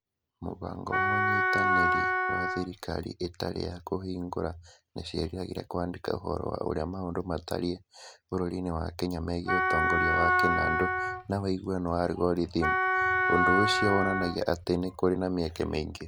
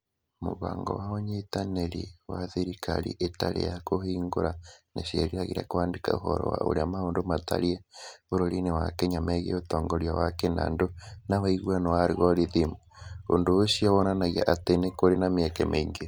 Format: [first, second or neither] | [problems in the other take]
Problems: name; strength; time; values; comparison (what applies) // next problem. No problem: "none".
second | background sound (Wind instrument, woodwind instrument); 4 dB above the speech